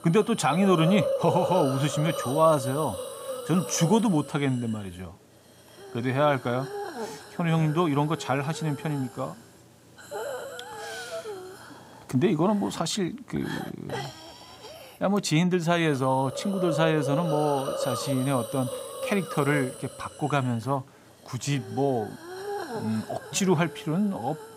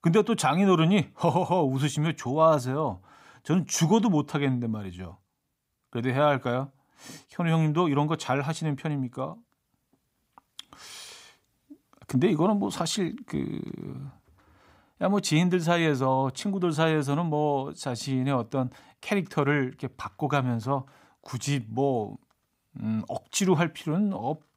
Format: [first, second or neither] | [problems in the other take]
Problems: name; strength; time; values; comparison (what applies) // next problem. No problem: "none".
second | hiss; loud; throughout; 9 dB below the speech